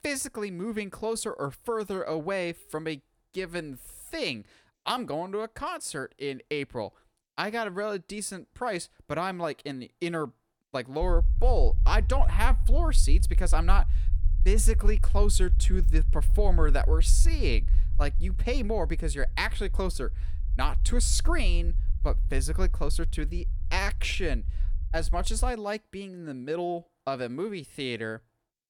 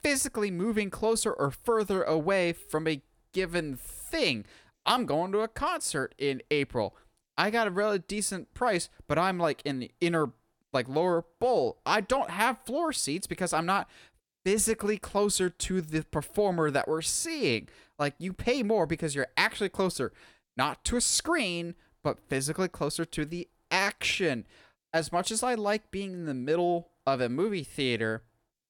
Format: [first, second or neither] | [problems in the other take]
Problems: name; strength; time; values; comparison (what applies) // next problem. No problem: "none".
second | low rumble; noticeable; from 11 to 26 s; 20 dB below the speech